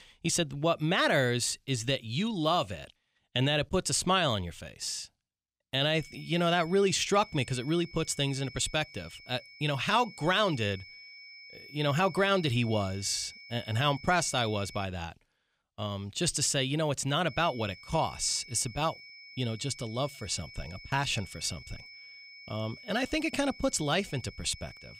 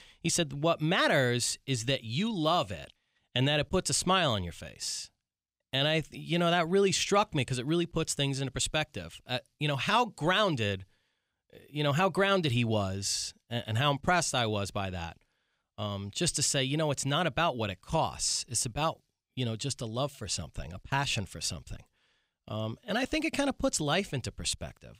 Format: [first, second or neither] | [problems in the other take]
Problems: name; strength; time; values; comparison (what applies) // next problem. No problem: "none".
second | high-pitched whine; noticeable; from 6 to 15 s and from 17 s on; 2 kHz, 20 dB below the speech